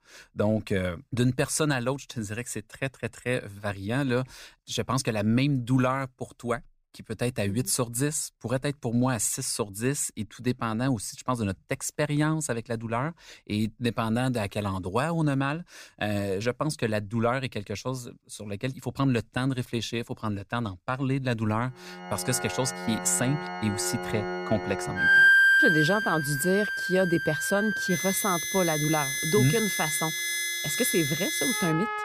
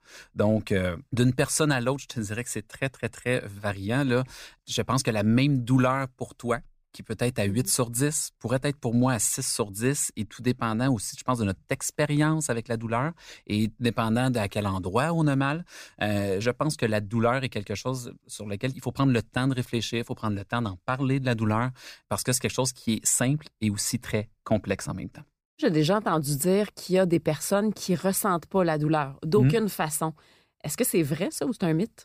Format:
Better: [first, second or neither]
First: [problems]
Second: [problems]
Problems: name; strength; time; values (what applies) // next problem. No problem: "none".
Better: second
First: background music; very loud; from 22 s on; 3 dB above the speech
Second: none